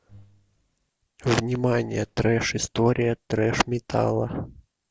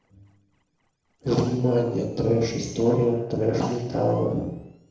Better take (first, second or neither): first